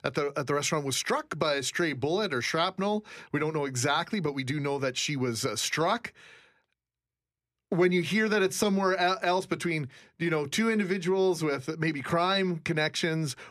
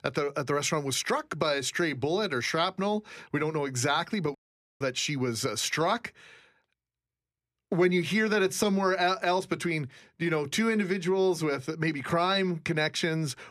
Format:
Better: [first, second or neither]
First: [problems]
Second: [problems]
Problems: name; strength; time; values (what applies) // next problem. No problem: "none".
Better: first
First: none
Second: audio cutting out; at 4.5 s